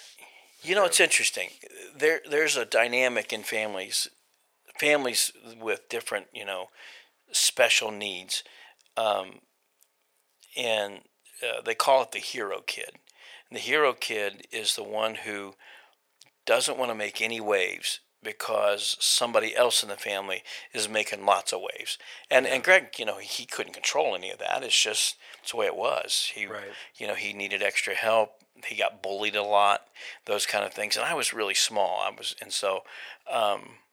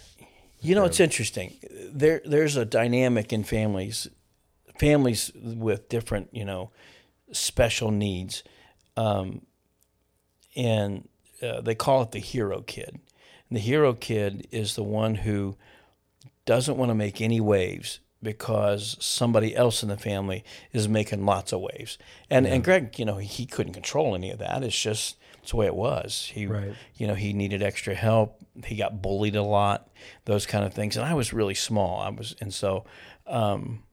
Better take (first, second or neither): second